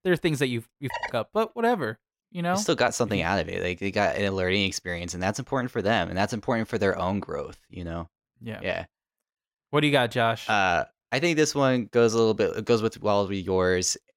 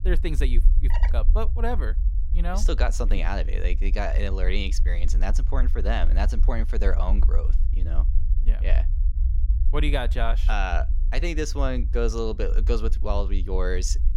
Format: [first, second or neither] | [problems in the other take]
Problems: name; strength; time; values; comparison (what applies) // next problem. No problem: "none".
first | low rumble; noticeable; throughout; 15 dB below the speech